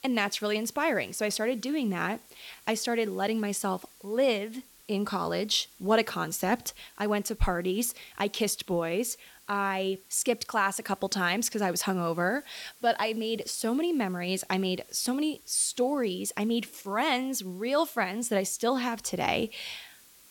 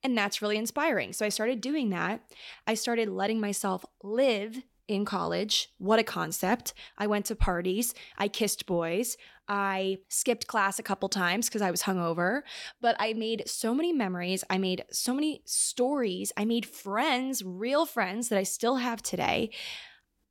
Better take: second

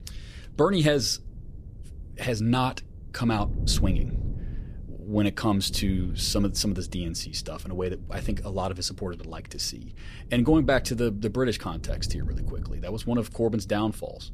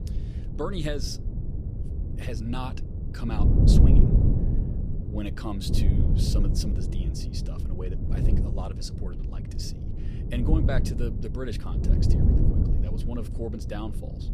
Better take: first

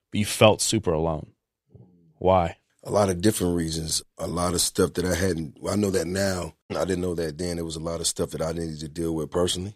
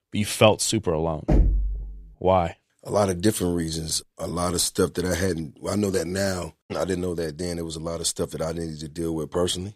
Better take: first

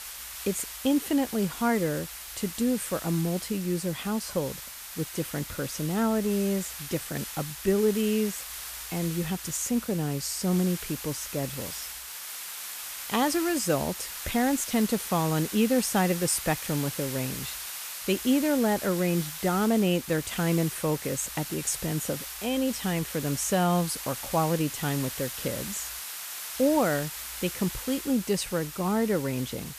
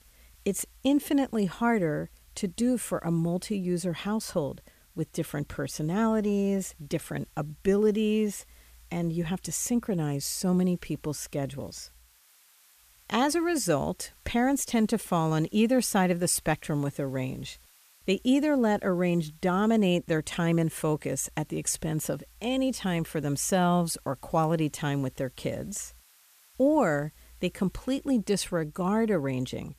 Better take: second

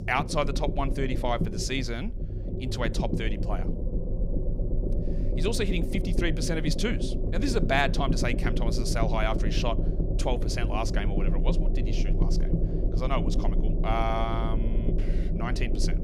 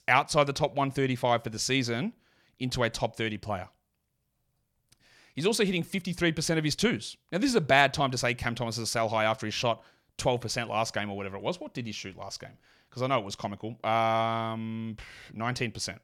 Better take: second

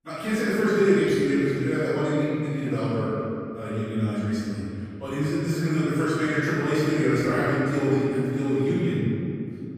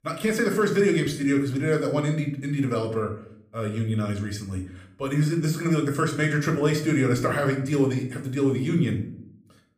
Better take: second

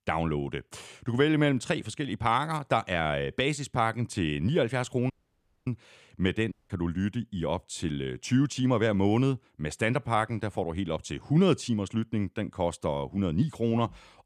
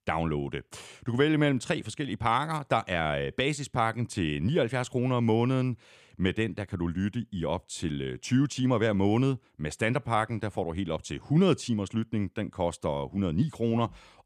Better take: second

